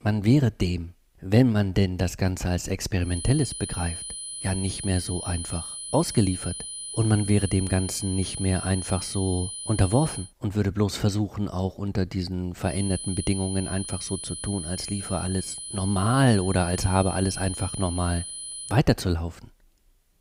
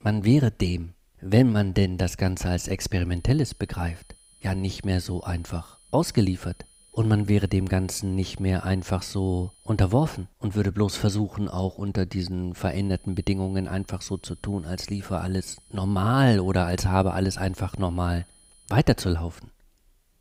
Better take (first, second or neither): second